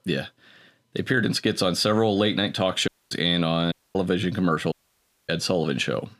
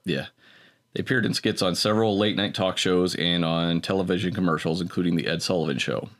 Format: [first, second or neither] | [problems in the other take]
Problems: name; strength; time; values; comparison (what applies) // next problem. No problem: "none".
second | audio cutting out; at 3 s, at 3.5 s and at 4.5 s for 0.5 s